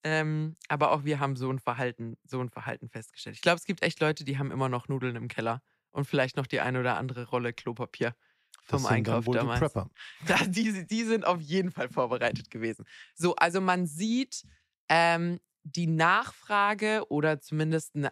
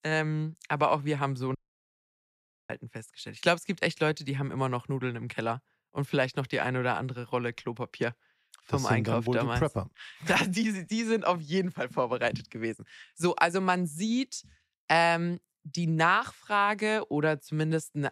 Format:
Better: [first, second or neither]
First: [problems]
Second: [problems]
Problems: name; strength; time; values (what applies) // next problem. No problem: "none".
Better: first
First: none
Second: audio cutting out; at 1.5 s for 1 s